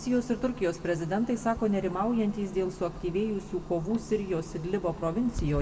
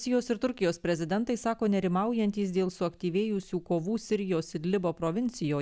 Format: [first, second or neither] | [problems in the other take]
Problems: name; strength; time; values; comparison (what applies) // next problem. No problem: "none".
second | background sound (Clock); 12 dB below the speech // room echo; dies away in 1.4 s